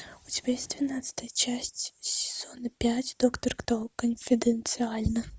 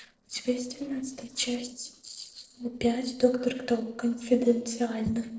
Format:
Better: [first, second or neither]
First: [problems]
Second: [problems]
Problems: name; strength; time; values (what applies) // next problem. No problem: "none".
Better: first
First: none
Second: noise reduction (neural separator model SepFormer DNS4)